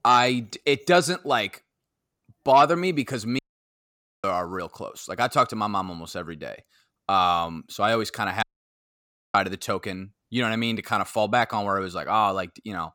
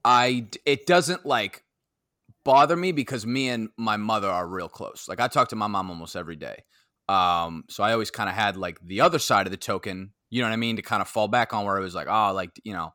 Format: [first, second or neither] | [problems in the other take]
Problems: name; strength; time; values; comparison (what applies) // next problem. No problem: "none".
second | audio cutting out; at 3.5 s for 1 s and at 8.5 s for 1 s